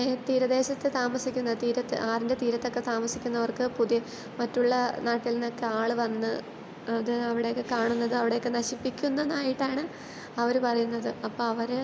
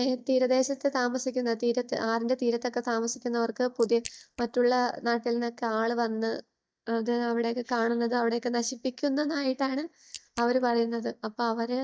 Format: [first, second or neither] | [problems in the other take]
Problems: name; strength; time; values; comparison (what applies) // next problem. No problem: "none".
first | noise reduction (neural mask model DeepFilterNet 3)